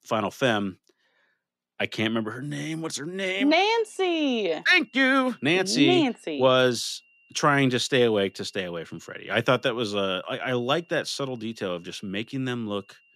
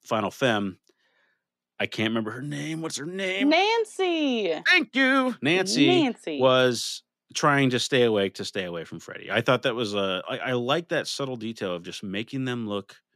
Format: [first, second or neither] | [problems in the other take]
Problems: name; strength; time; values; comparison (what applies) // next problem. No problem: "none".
second | high-pitched whine; faint; from 3.5 s on; 3 kHz, 35 dB below the speech